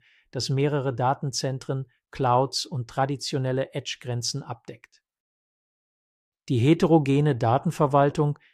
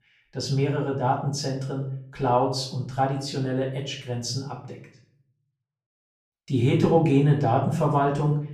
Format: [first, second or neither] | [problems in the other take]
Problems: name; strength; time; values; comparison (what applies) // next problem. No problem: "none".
first | off-mic speech; far // room echo; slight; dies away in 0.5 s